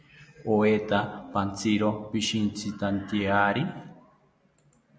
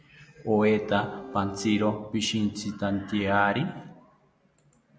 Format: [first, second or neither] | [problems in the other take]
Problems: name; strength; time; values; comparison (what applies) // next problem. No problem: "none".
first | background sound (Bowed string instrument); 15 dB below the speech